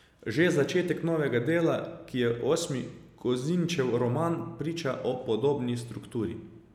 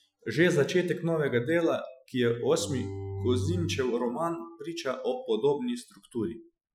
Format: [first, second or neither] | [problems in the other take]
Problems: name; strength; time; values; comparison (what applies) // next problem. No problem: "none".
first | noise reduction (classical method Wiener filter)